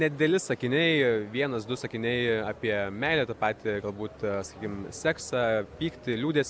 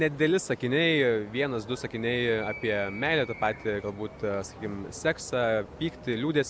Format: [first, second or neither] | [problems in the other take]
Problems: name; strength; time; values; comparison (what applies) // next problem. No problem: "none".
first | background sound (Animal); 19 dB below the speech